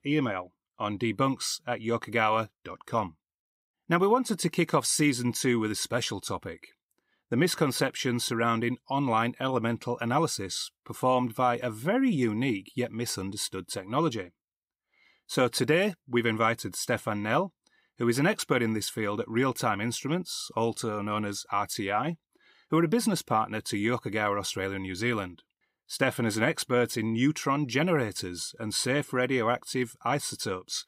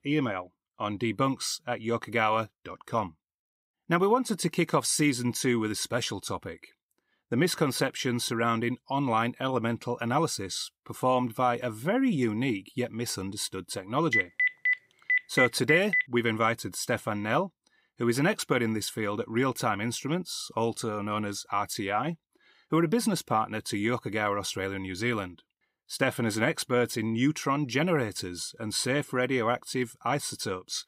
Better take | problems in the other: first | phone ringing; loud; from 14 to 16 s; peak 4 dB above the speech

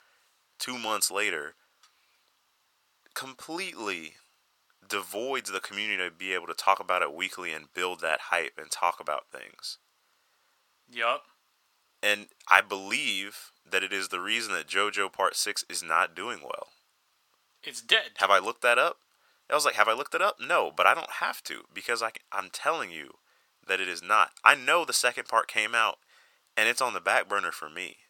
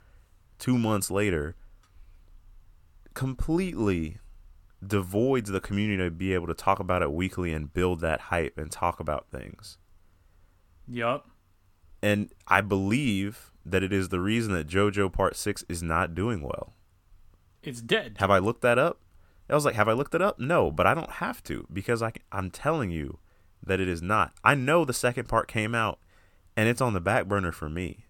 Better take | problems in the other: second | thin; very; fading below 750 Hz

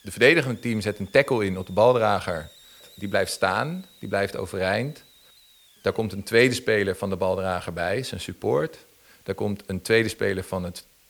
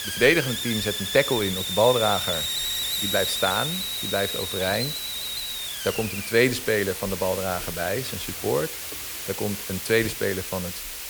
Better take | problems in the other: first | hiss; loud; throughout; 2 dB below the speech; faint in the first

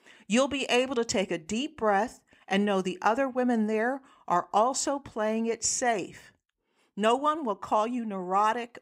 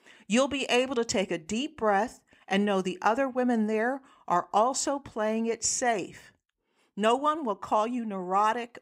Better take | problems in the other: neither | none

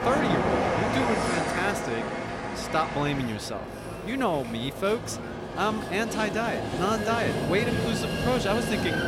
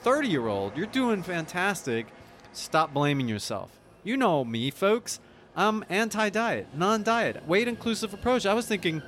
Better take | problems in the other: second | train or aircraft noise; loud; throughout; 1 dB below the speech; faint in the second

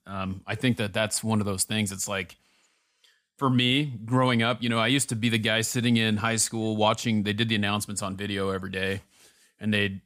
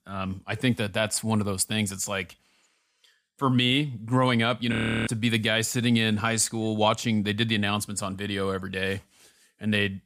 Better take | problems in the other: first | audio freezing; at 4.5 s

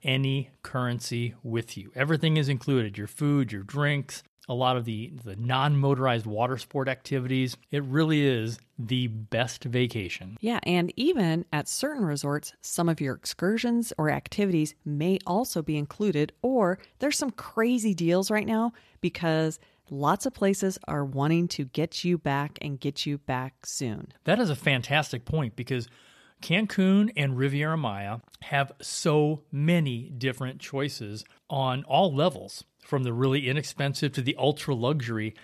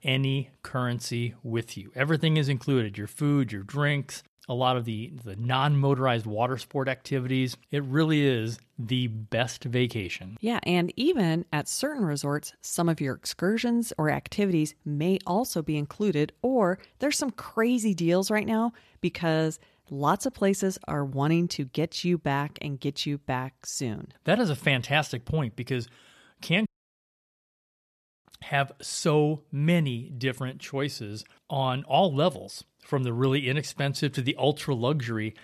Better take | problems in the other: first | audio cutting out; at 27 s for 1.5 s

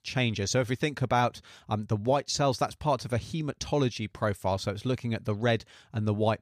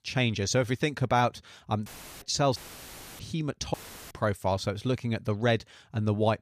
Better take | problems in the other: first | audio cutting out; filled with static; at 2 s, at 2.5 s for 0.5 s and at 3.5 s

